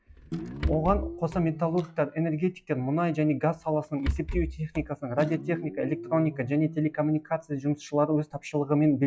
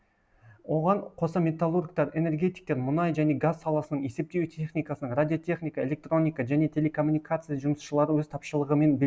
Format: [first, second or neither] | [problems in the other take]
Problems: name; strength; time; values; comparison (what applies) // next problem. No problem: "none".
second | noise reduction (classical method log-MMSE)